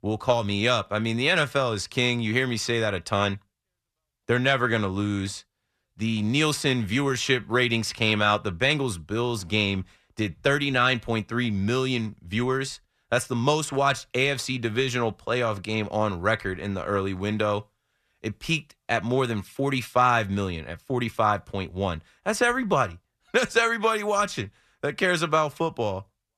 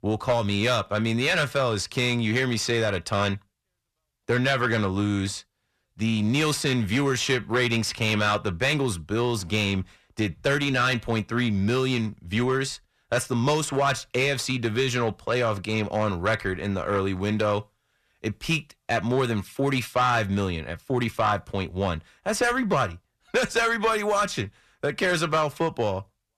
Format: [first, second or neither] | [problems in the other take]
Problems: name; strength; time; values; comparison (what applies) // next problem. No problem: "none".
first | distortion; slight; 10 dB below the speech